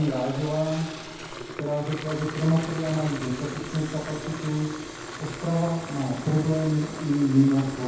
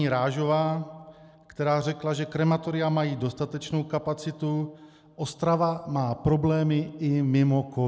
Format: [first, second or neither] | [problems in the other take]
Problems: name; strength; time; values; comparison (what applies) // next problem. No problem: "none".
second | background sound (Fill (with liquid) / Water tap, faucet); 11 dB below the speech // room echo; dies away in 0.9 s